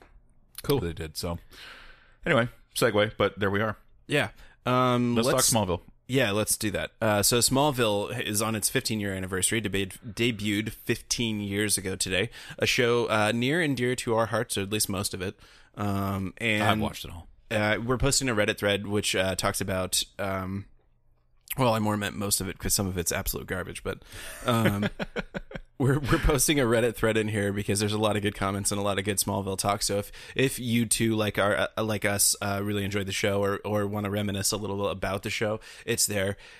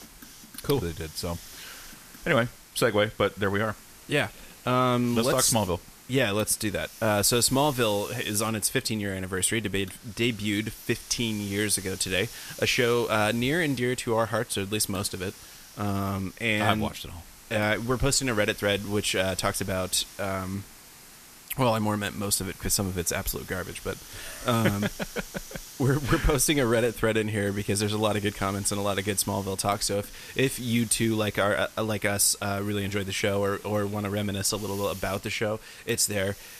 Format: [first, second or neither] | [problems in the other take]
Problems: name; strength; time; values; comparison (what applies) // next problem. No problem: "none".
first | hiss; noticeable; throughout; 15 dB below the speech